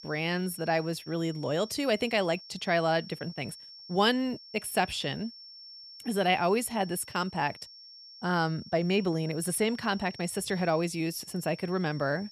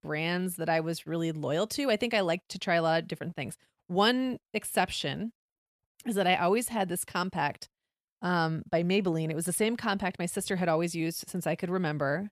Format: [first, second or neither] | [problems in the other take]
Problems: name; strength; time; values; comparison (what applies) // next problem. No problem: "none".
second | high-pitched whine; noticeable; throughout; 5.5 kHz, 15 dB below the speech